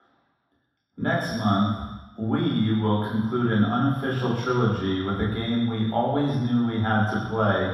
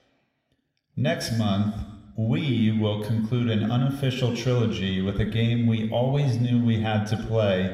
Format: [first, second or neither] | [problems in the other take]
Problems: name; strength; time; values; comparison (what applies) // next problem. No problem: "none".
second | room echo; strong; dies away in 1.2 s; slight in the second // off-mic speech; far